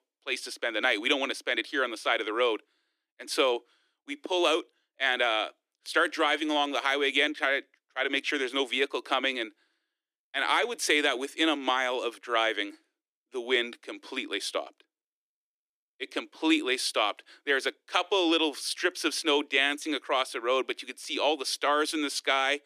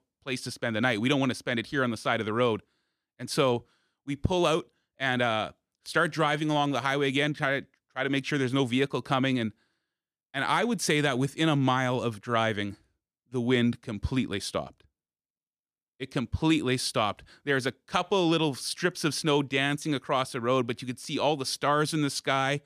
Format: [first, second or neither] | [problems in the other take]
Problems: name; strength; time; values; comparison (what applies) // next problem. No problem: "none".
second | thin; somewhat; fading below 300 Hz